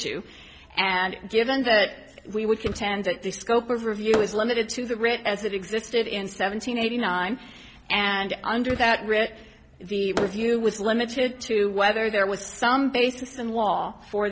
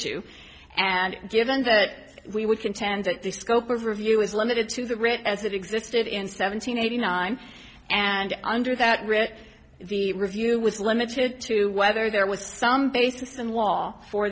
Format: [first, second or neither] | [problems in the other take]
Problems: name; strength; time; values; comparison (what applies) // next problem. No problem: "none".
second | background sound (Fireworks); 17 dB below the speech